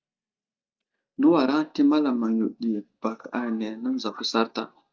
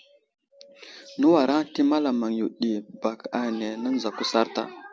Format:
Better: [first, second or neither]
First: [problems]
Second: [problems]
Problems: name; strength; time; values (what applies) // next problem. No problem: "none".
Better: second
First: noise reduction (neural mask model DeepFilterNet 3)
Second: none